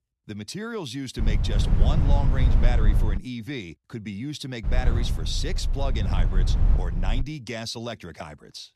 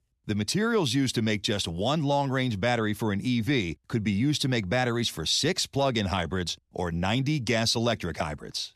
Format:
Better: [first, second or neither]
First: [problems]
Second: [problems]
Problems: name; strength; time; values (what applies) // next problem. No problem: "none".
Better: second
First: low rumble; loud; from 1 to 3 s and from 4.5 to 7 s; 5 dB below the speech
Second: none